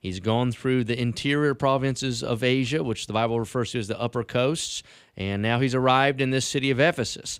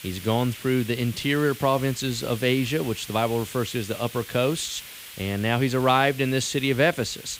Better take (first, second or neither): first